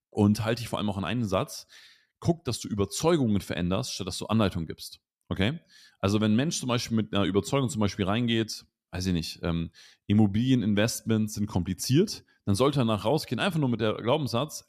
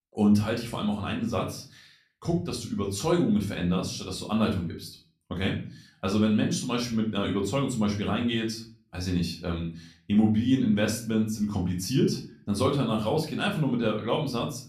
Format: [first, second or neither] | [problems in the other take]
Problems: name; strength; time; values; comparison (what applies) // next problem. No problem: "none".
first | room echo; slight; dies away in 0.3 s // off-mic speech; far